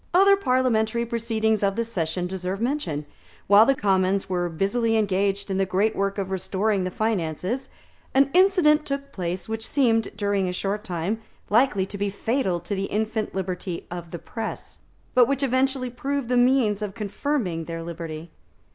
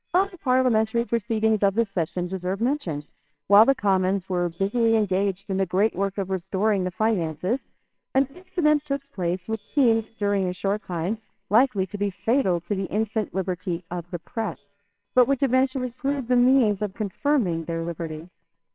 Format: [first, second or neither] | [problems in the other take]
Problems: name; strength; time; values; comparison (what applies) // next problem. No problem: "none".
first | noise reduction (neural separator model SepFormer WHAMR!)